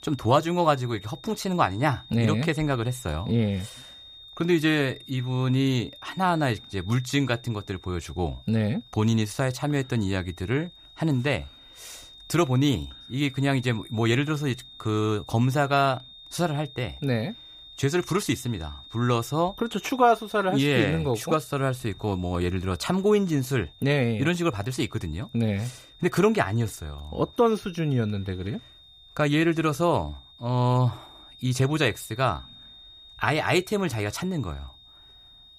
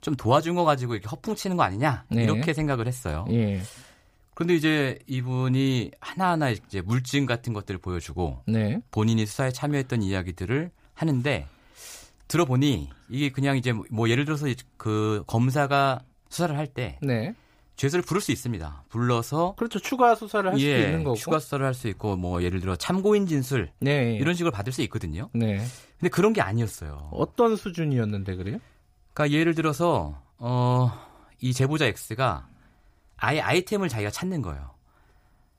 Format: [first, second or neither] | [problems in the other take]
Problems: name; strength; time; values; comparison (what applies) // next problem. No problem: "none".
second | high-pitched whine; noticeable; throughout; 3.5 kHz, 20 dB below the speech